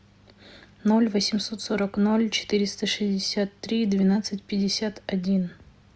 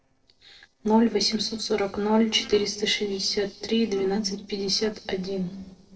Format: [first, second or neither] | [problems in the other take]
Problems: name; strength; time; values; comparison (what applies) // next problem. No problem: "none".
first | noise reduction (neural separator model SepFormer DNS4)